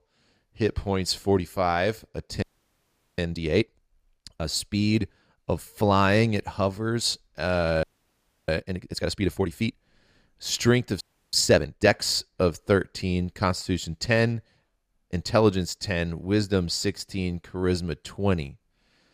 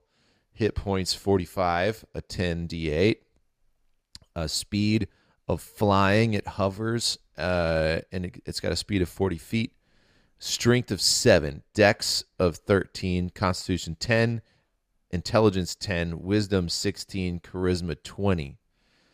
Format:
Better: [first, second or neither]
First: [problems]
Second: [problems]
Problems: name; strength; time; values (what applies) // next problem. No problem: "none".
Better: second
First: audio freezing; at 2.5 s for 1 s, at 8 s for 0.5 s and at 11 s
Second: none